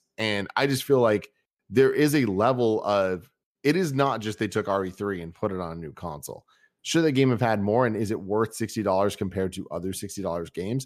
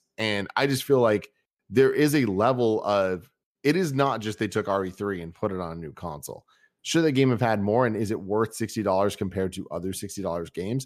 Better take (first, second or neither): neither